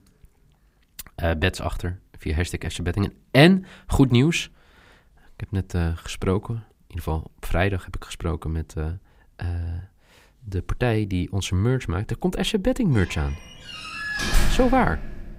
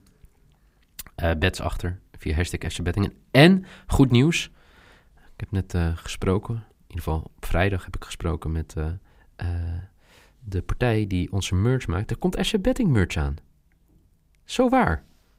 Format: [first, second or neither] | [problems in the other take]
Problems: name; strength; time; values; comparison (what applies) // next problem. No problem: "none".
second | door banging; loud; from 14 s on; peak level with the speech